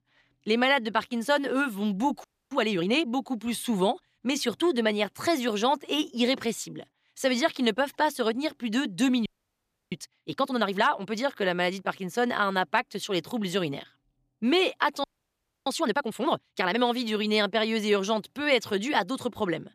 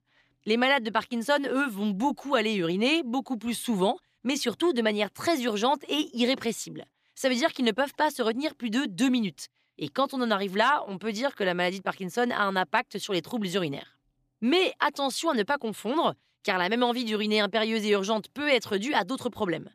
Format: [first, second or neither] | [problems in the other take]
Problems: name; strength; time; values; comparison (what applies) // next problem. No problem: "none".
second | audio freezing; at 2 s, at 9.5 s for 0.5 s and at 15 s for 0.5 s